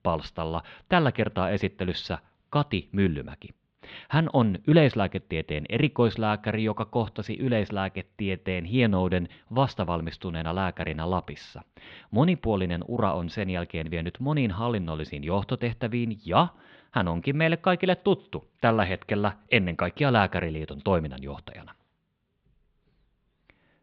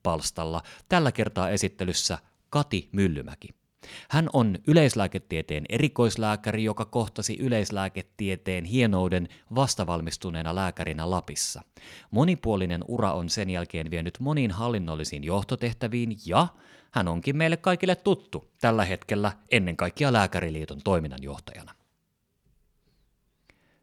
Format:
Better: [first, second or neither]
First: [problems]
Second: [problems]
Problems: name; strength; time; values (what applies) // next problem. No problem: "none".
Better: second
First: muffled; very; fading above 3.5 kHz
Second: none